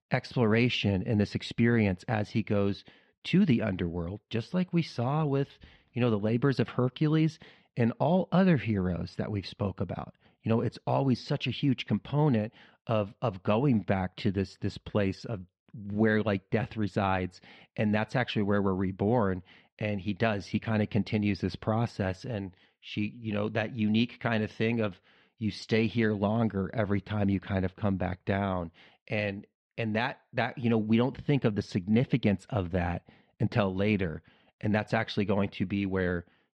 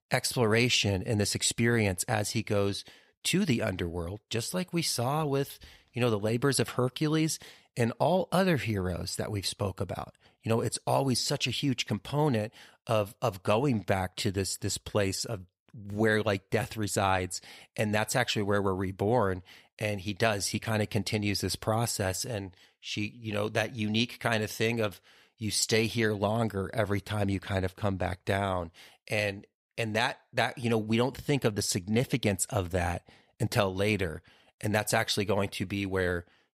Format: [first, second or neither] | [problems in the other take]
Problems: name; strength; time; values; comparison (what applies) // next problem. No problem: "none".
second | muffled; slightly; fading above 3.5 kHz